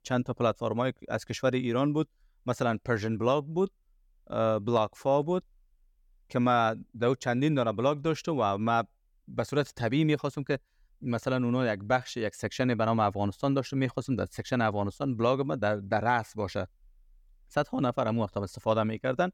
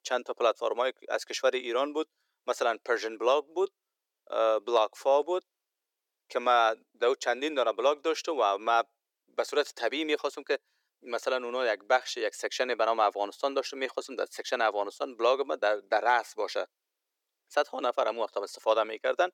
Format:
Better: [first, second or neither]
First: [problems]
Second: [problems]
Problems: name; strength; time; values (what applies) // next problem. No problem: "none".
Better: first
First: none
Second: thin; very; fading below 350 Hz